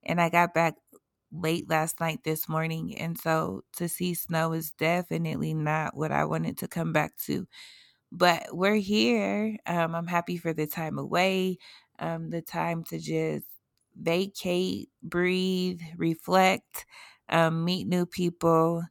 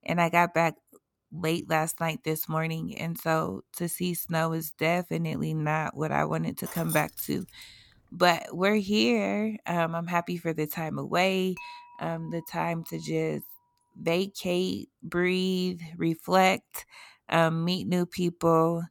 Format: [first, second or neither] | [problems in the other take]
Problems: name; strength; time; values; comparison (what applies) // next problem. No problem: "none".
first | jangling keys; noticeable; at 6.5 s; peak 8 dB below the speech // clattering dishes; faint; from 12 to 13 s; peak 15 dB below the speech